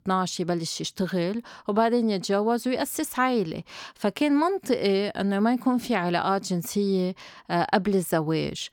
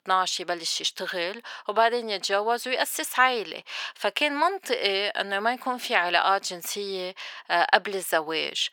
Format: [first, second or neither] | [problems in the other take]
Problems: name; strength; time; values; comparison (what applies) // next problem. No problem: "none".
first | thin; very; fading below 650 Hz